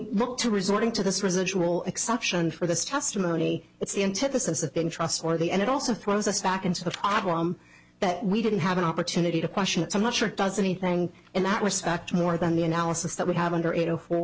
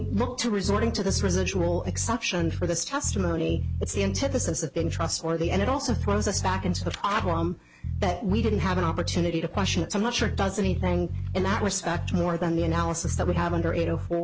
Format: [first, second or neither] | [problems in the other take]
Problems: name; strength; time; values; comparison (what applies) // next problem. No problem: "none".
first | background sound (Bass guitar); 4 dB below the speech